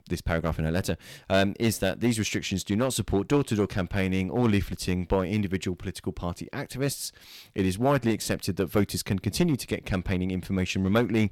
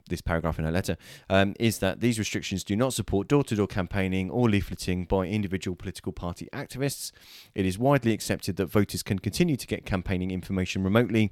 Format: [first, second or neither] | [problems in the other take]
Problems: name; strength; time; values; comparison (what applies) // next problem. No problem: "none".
second | distortion; slight; 3% of the sound clipped